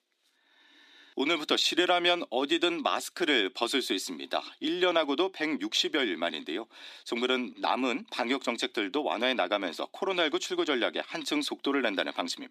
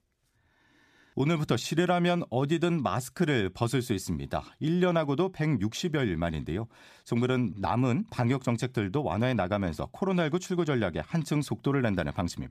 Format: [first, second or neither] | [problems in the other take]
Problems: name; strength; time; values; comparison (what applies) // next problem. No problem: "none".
second | thin; somewhat; fading below 250 Hz